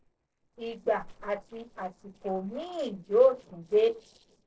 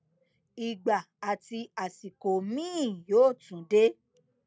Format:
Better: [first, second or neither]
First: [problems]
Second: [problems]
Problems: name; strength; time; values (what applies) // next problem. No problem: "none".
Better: second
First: noise reduction (neural separator model SepFormer DNS4)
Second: none